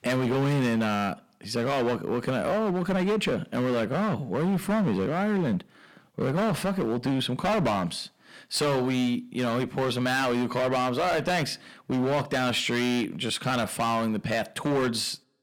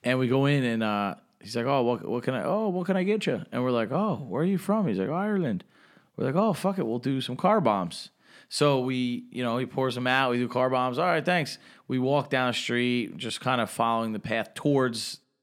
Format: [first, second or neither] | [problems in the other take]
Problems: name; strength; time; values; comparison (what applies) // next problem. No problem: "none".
second | distortion; heavy; 18% of the sound clipped